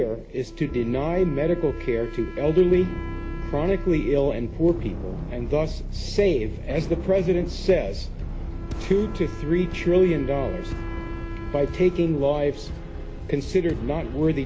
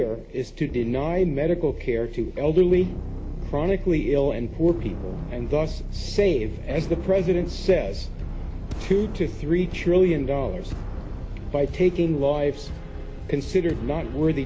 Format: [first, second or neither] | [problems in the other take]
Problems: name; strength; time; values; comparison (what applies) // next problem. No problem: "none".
second | background sound (Wind instrument, woodwind instrument); 18 dB below the speech